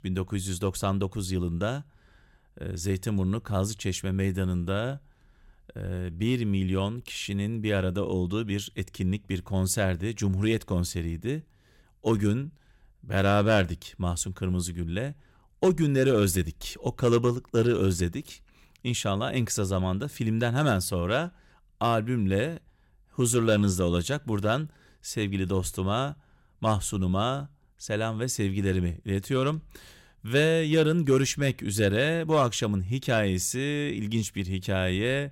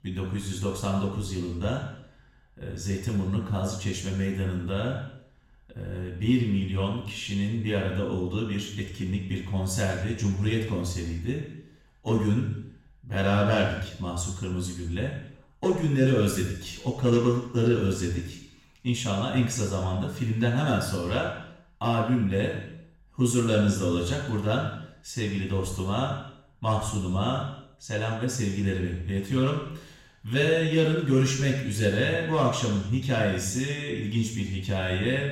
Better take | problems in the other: first | room echo; noticeable; dies away in 0.8 s // off-mic speech; far

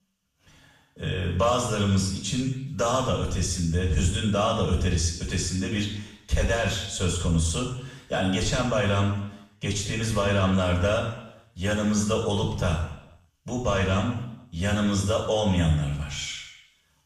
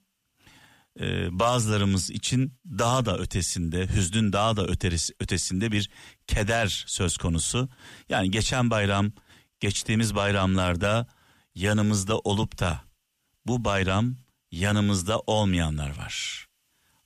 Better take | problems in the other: second | room echo; noticeable; dies away in 0.7 s // off-mic speech; far

